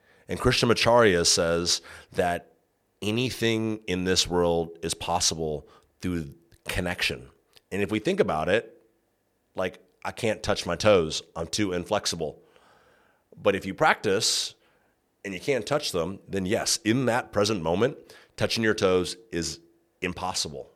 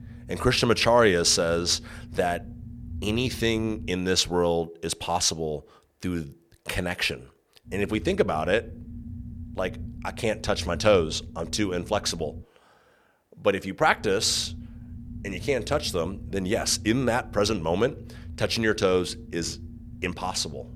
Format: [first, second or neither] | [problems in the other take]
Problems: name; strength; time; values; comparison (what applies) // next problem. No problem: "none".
first | low rumble; faint; until 4 s, from 7.5 to 12 s and from 14 s on; 25 dB below the speech